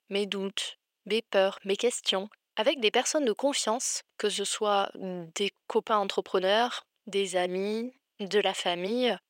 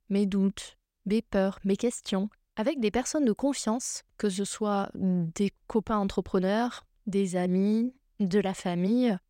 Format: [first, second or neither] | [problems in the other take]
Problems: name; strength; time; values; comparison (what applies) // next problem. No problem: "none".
second | thin; somewhat; fading below 500 Hz